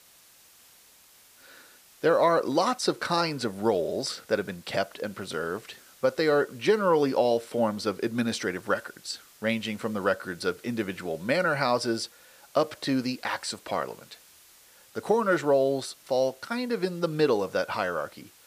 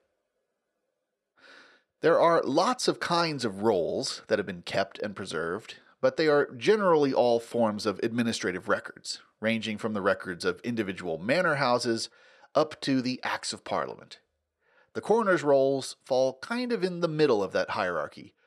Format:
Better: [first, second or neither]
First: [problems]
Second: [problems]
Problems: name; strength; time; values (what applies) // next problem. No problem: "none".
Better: second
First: hiss; faint; throughout; 25 dB below the speech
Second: none